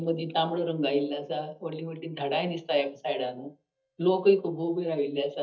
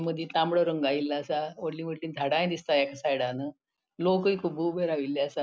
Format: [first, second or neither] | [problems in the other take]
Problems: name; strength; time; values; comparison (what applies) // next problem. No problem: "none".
second | noise reduction (neural mask model DeepFilterNet 3)